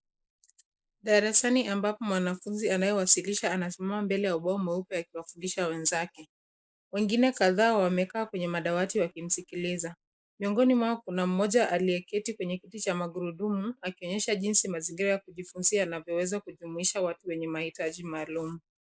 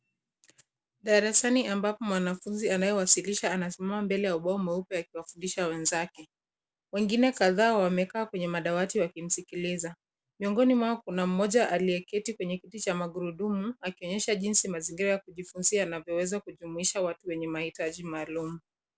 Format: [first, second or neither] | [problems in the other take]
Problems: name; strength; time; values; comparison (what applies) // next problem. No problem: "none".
second | noise reduction (neural mask model Resemble Enhance denoiser)